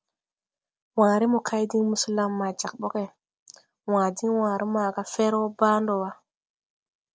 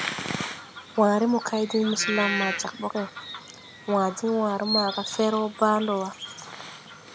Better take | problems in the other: first | background sound (Bird vocalization, bird call, bird song); 8 dB below the speech

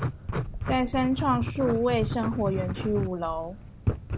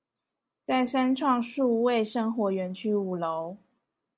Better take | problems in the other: second | background sound (Writing); 3 dB below the speech

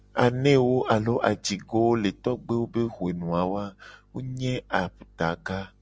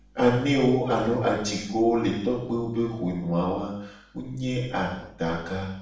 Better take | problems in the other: first | room echo; dies away in 0.6 s

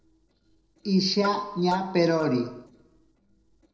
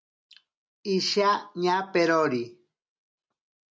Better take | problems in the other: second | noise reduction (neural separator model SepFormer DNS4)

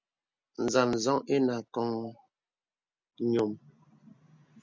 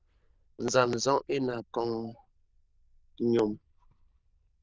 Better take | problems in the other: first | noise reduction (neural diffusion model UNIVERSE++)

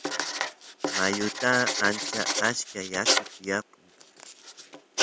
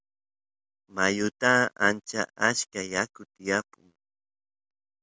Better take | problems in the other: second | background sound (Writing); as loud as the speech

